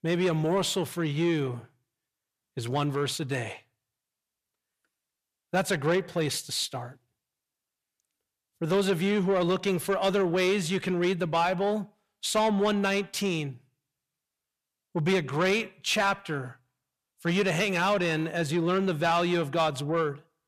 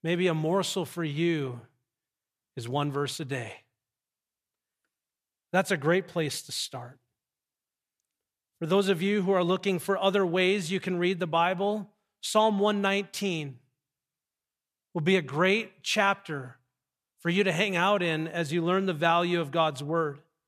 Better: second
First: distortion; slight; 10 dB below the speech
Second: none

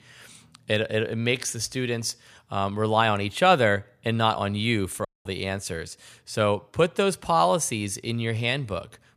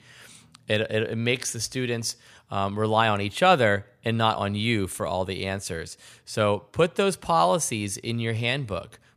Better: second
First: audio cutting out; at 5 s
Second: none

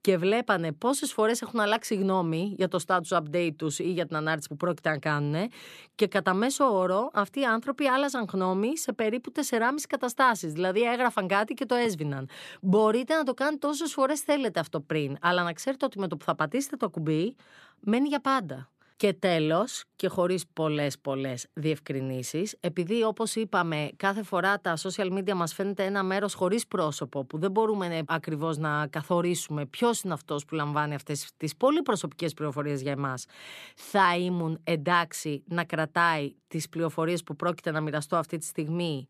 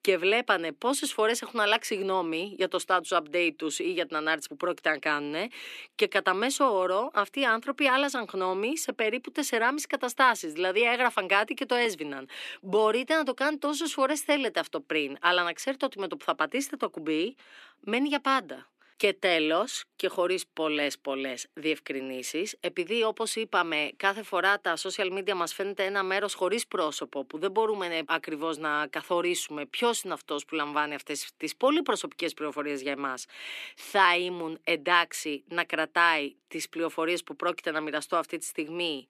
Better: first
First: none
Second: thin; very slightly; fading below 300 Hz

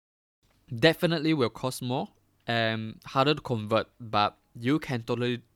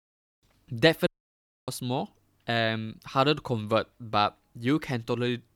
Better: first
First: none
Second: audio cutting out; at 1 s for 0.5 s

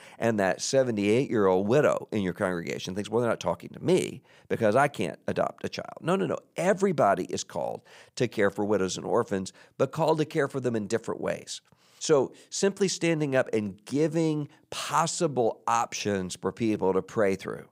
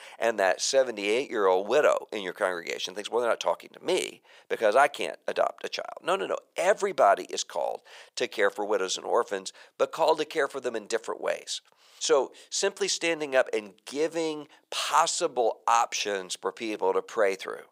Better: first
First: none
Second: thin; very; fading below 600 Hz

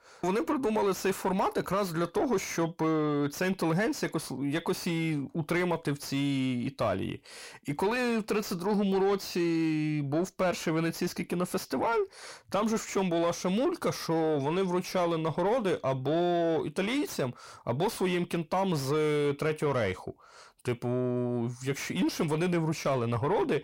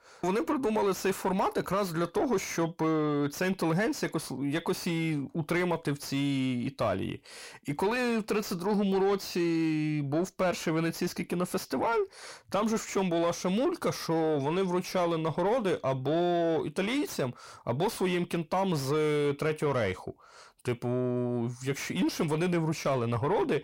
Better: neither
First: distortion; slight; 10 dB below the speech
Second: distortion; slight; 10 dB below the speech

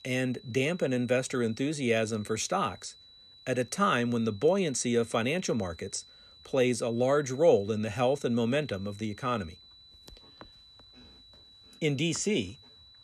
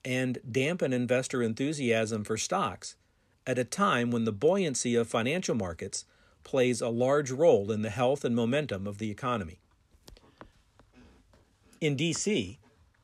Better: second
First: high-pitched whine; faint; throughout; 4 kHz, 25 dB below the speech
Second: none

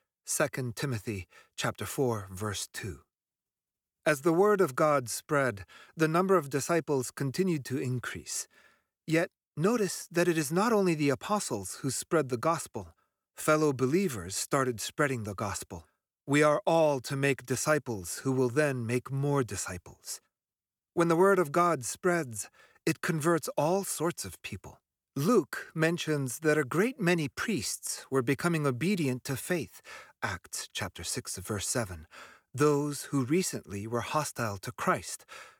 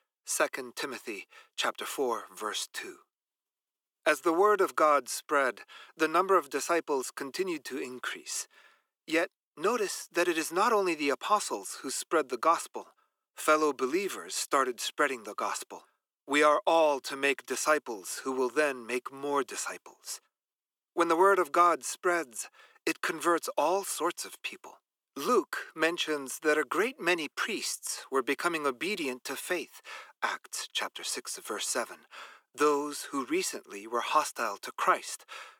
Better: first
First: none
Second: thin; somewhat; fading below 300 Hz

